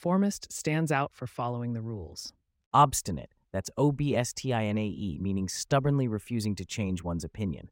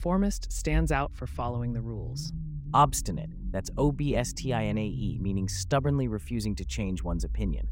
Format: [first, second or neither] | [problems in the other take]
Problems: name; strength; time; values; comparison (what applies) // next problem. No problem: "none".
first | low rumble; faint; throughout; 20 dB below the speech